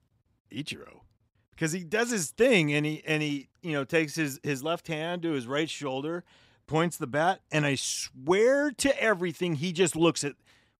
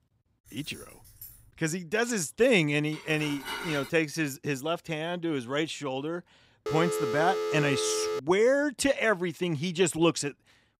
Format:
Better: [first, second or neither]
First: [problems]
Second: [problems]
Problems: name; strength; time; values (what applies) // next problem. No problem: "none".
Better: first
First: none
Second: jangling keys; faint; until 1.5 s; peak 20 dB below the speech // clattering dishes; noticeable; at 3 s; peak 7 dB below the speech // phone ringing; noticeable; from 6.5 to 8 s; peak 2 dB below the speech